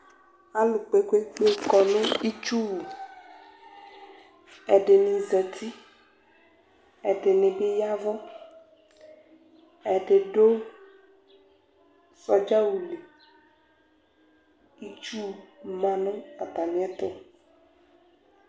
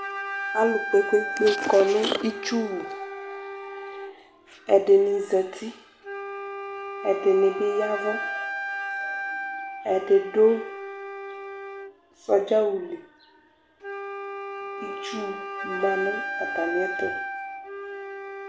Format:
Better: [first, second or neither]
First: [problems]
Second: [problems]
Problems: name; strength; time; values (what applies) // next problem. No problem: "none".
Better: first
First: none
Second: background sound (Wind instrument, woodwind instrument); 8 dB below the speech